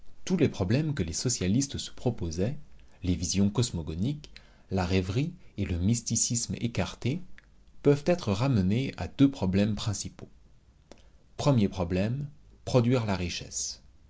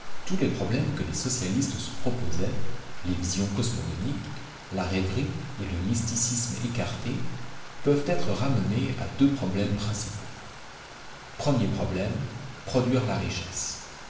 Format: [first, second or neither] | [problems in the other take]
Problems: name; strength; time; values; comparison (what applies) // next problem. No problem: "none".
first | background sound (Stream); 17 dB below the speech // room echo; dies away in 1 s